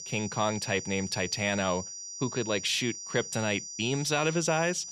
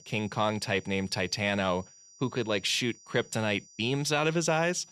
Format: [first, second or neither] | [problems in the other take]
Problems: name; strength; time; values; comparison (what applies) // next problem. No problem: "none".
second | high-pitched whine; loud; throughout; 5.5 kHz, 8 dB below the speech; faint in the second